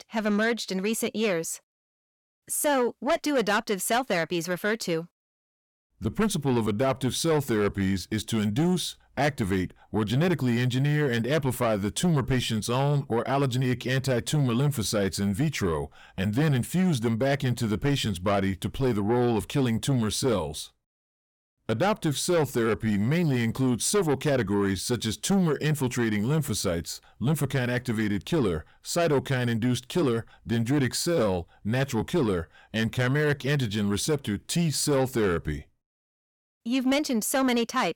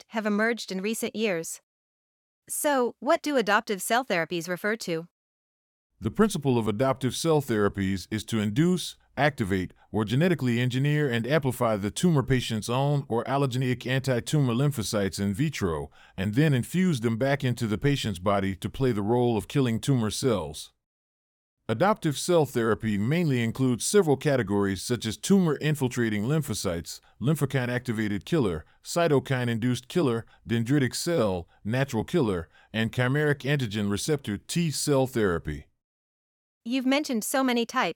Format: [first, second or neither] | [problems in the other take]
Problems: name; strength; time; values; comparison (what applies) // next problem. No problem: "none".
second | distortion; slight; 10 dB below the speech